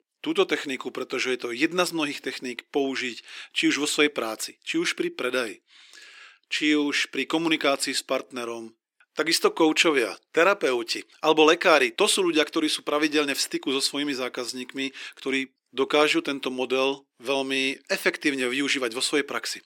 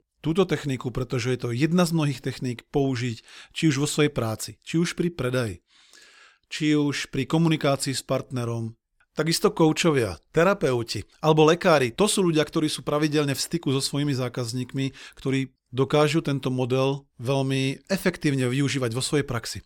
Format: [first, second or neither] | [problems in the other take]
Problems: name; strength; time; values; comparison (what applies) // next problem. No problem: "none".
second | thin; somewhat; fading below 300 Hz